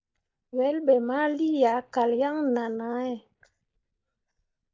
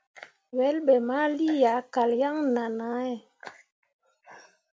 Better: second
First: noise reduction (neural mask model DeepFilterNet 3)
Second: none

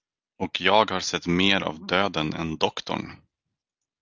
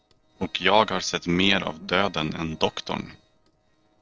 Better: first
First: none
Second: noise reduction (neural separator model SepFormer DNS4)

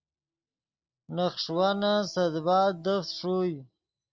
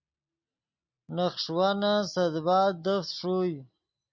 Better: second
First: noise reduction (neural separator model SepFormer DNS4)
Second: none

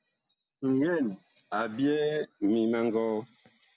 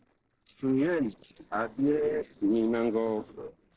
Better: first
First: none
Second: noise reduction (neural separator model SepFormer DNS4)

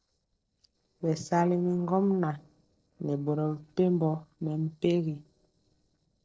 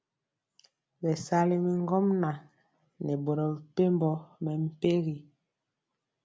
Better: second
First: noise reduction (neural separator model SepFormer DNS4)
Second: none

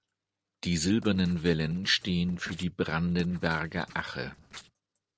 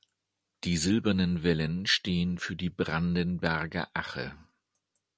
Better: second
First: noise reduction (neural separator model SepFormer DNS4)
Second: none

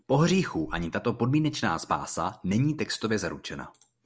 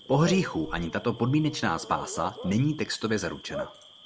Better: first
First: none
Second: background sound (Bark / Cricket); 14 dB below the speech

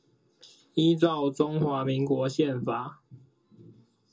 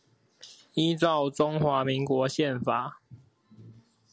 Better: second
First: room echo; dies away in 0.2 s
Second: none

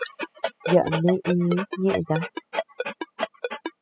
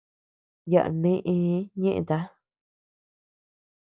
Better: second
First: noise reduction (classical method spectral subtraction)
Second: none

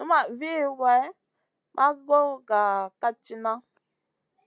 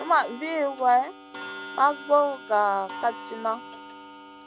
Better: first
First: none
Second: background sound (Clock); 15 dB below the speech

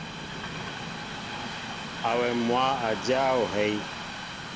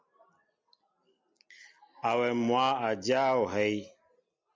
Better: second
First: background sound (Train); 6 dB below the speech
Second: none

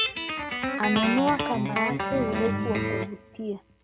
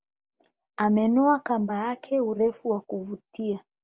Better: second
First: background sound (Guitar); as loud as the speech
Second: none

